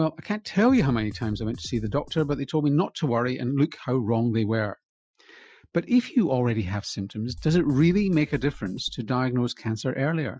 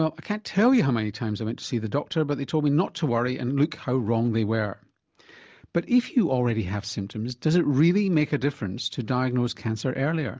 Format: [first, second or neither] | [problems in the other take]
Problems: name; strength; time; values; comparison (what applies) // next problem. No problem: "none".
second | noise reduction (classical method Wiener filter)